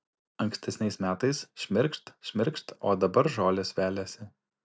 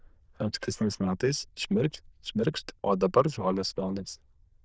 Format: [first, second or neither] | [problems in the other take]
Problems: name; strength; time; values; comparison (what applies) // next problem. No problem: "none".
first | noise reduction (neural diffusion model UNIVERSE++)